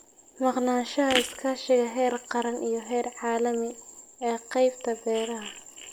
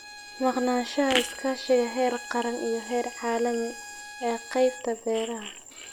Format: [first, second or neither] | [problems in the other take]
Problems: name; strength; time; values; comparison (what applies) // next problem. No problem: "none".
first | background sound (Bowed string instrument); 15 dB below the speech